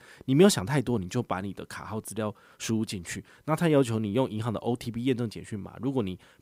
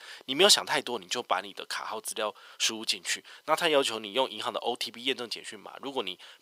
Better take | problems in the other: first | thin; very; fading below 700 Hz

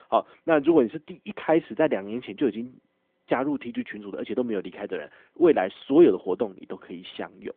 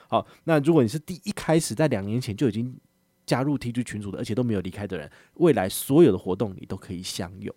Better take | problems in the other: second | phone-call audio

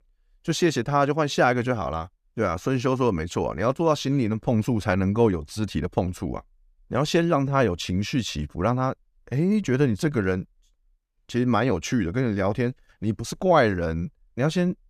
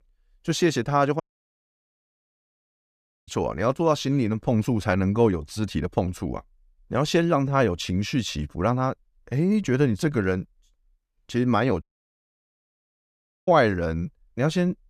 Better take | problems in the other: first | audio cutting out; at 1 s for 2 s and at 12 s for 1.5 s

